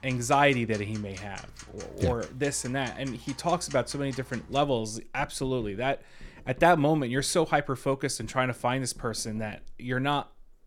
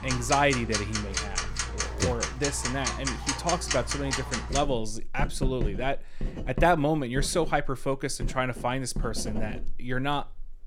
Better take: first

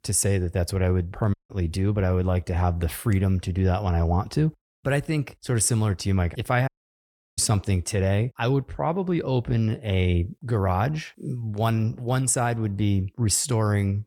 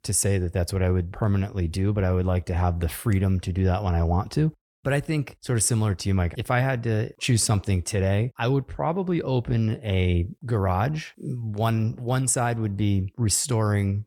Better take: second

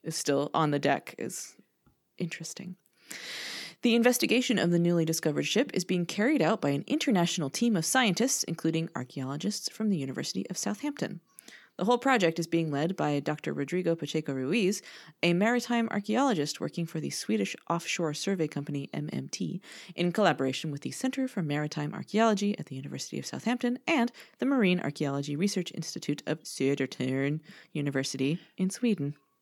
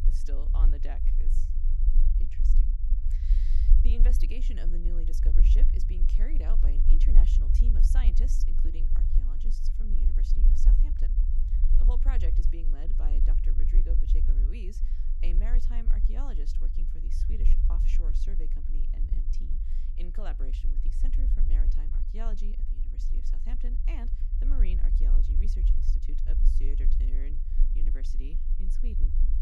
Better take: first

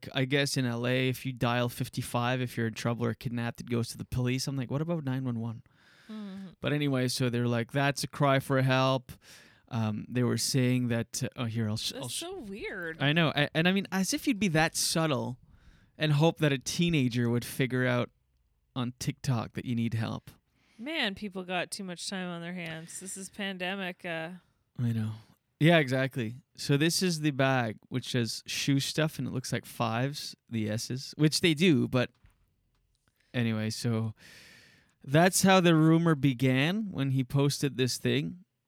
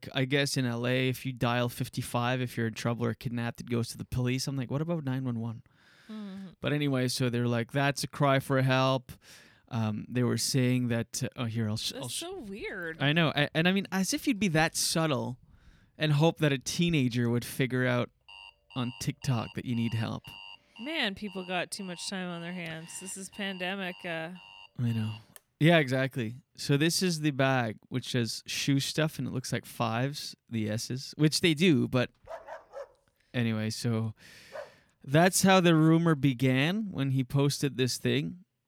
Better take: first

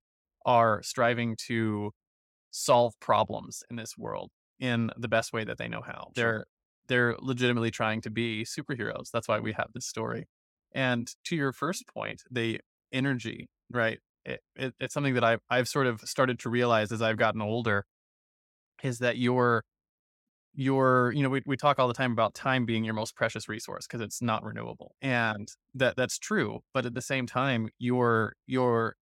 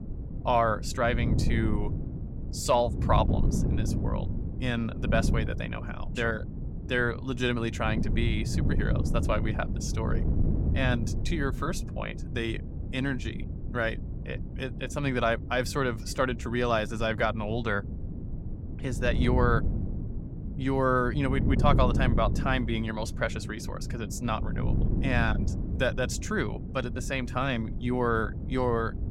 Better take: first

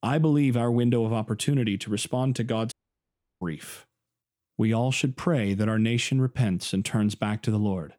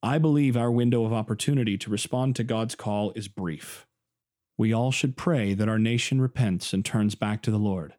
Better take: second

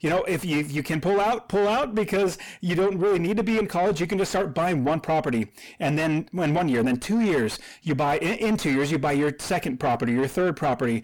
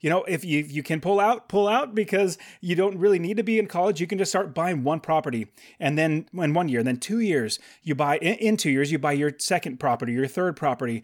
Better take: second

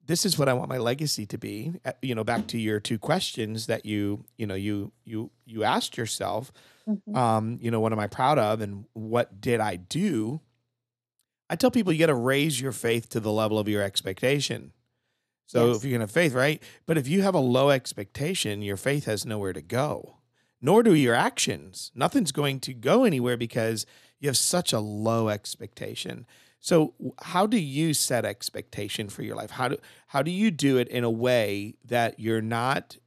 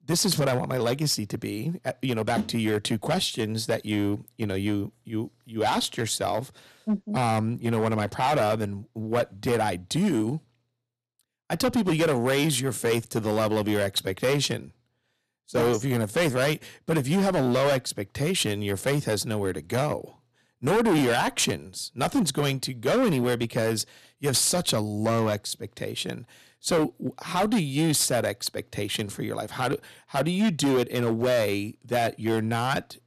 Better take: first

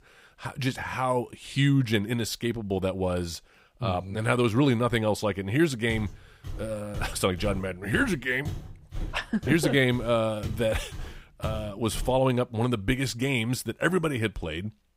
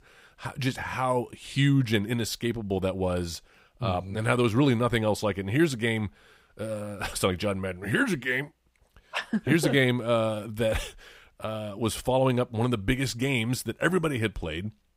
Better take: second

